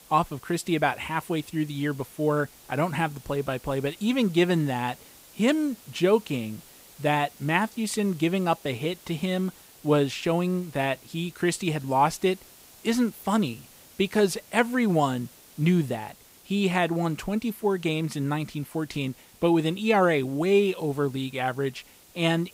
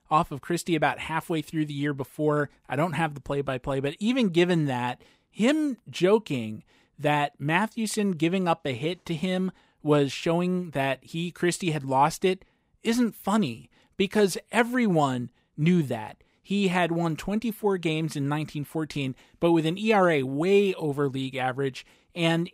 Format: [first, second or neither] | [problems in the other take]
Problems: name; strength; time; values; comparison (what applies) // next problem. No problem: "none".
second | hiss; faint; throughout; 25 dB below the speech